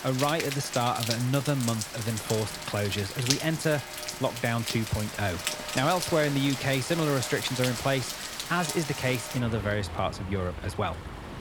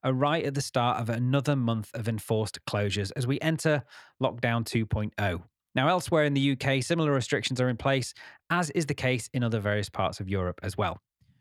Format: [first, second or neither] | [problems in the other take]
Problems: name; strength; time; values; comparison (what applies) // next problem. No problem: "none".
second | rain or running water; loud; throughout; 5 dB below the speech